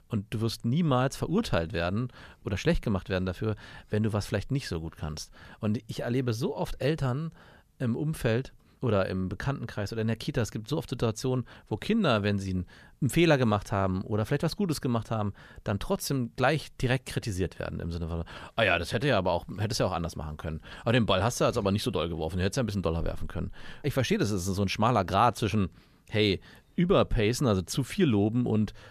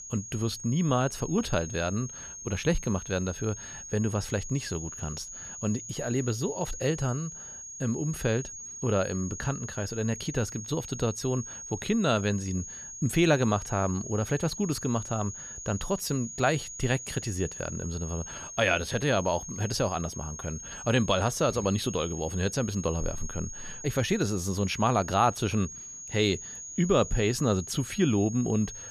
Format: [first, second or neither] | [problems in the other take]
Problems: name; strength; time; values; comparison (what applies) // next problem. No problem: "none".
first | high-pitched whine; loud; throughout; 6.5 kHz, 10 dB below the speech